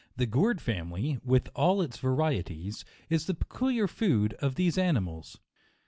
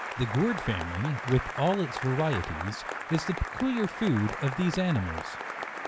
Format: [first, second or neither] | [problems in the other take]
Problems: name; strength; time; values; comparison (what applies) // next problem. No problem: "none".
first | background sound (Applause); 7 dB below the speech